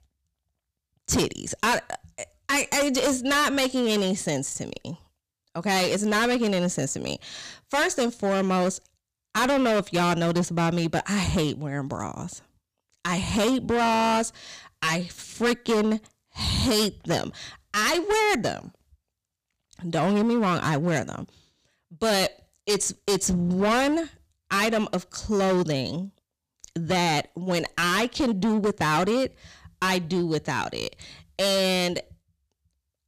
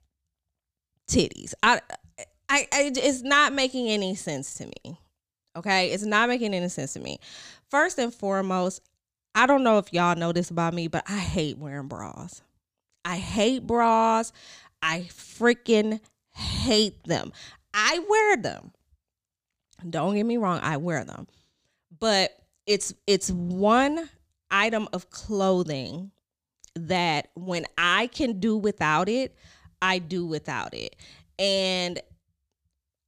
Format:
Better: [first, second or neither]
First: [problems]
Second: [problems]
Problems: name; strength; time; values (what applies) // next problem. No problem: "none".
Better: second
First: distortion; heavy; 14% of the sound clipped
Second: none